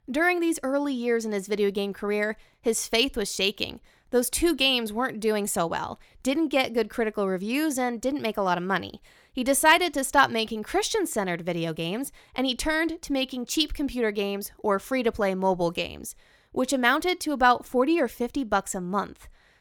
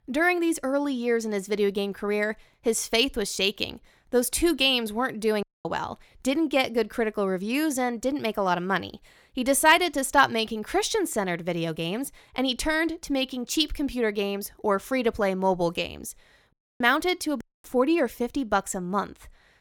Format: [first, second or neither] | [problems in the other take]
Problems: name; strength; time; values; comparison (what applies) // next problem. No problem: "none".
first | audio cutting out; at 5.5 s and at 17 s